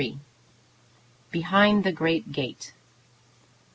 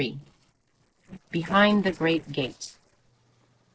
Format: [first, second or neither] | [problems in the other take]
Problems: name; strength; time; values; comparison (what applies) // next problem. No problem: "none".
first | noise reduction (neural separator model SepFormer DNS4)